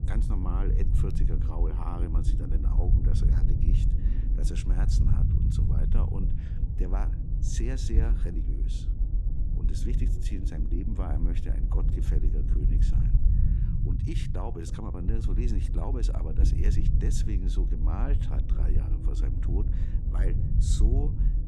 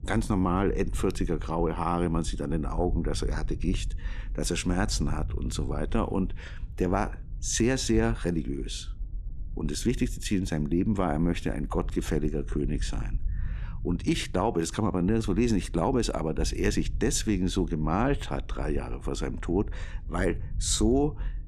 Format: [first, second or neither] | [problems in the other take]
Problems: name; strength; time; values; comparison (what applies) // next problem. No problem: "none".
second | low rumble; loud; throughout; 2 dB below the speech; faint in the second